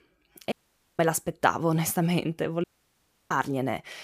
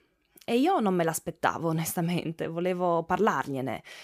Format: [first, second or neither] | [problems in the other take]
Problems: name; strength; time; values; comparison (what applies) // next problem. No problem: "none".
second | audio cutting out; at 0.5 s and at 2.5 s for 0.5 s